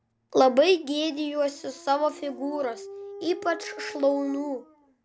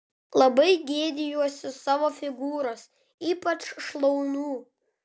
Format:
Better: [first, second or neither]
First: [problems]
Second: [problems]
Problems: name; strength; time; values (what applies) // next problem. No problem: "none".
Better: second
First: background sound (Dog); 17 dB below the speech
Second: none